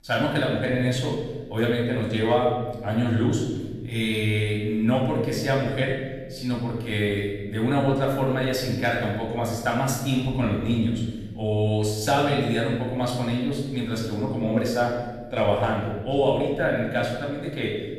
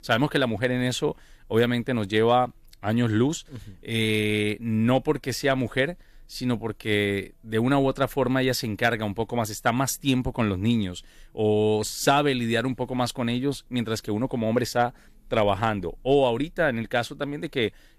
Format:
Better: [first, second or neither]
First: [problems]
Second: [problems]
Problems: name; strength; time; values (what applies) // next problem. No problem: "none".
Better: second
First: off-mic speech; far // room echo; noticeable; dies away in 1.4 s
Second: none